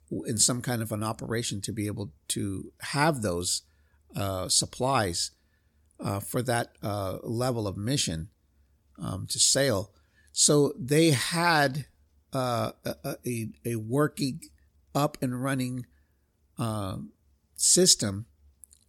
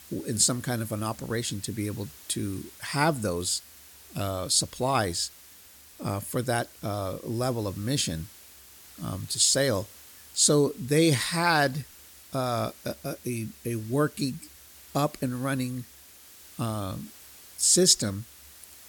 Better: first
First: none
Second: hiss; faint; throughout; 20 dB below the speech

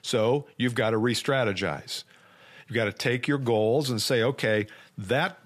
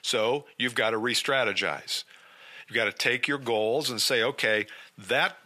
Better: first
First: none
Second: thin; somewhat; fading below 700 Hz

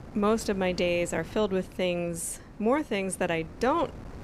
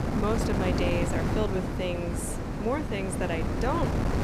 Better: first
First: wind noise on the microphone; occasional gusts; 20 dB below the speech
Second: wind noise on the microphone; heavy; 2 dB below the speech

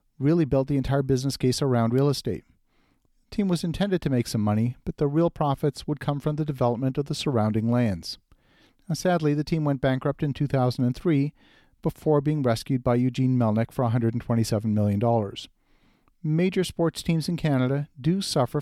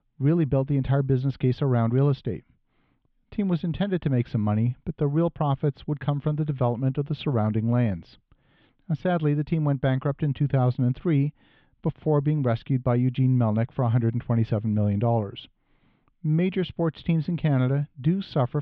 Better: first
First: none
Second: muffled; very; fading above 3.5 kHz

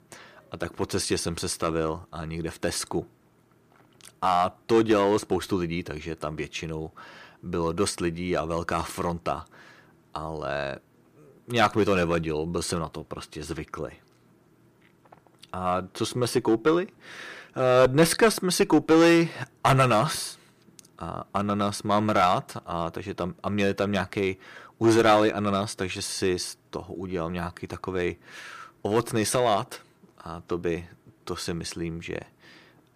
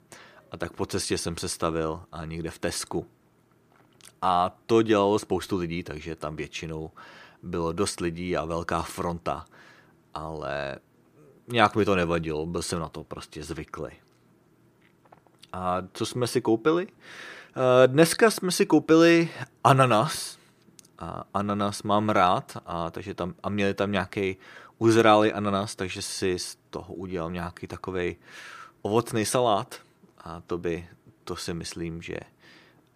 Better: second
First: distortion; slight; 1.5% of the sound clipped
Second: none

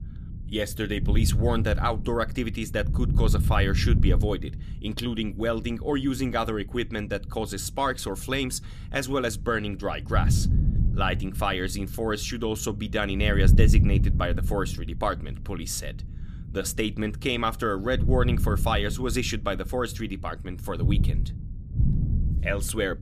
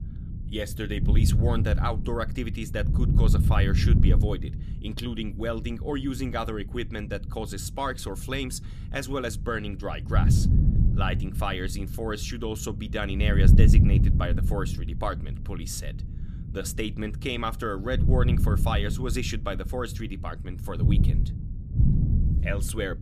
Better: first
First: wind noise on the microphone; occasional gusts; 15 dB below the speech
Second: wind noise on the microphone; heavy; 7 dB below the speech

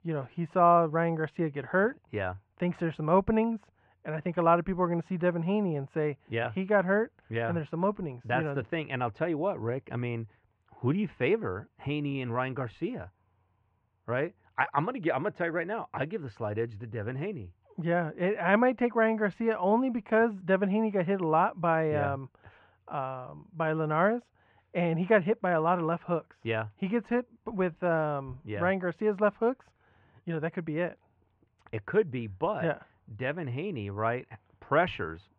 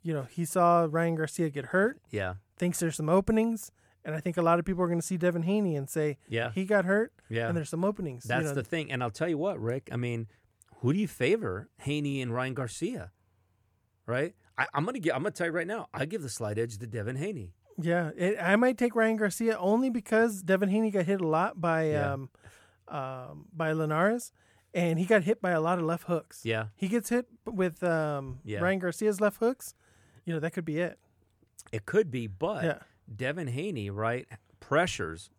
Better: second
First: muffled; very; fading above 3 kHz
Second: none

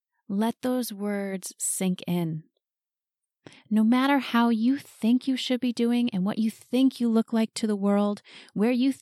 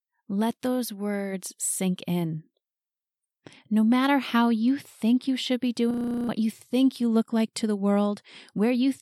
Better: first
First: none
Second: audio freezing; at 6 s

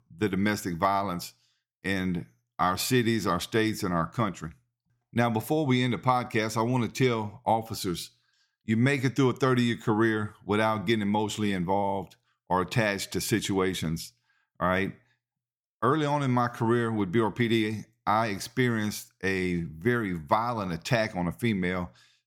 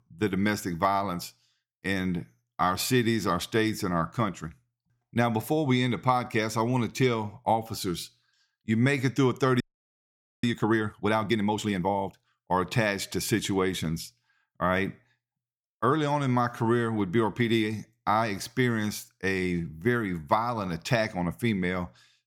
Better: first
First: none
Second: audio freezing; at 9.5 s for 1 s

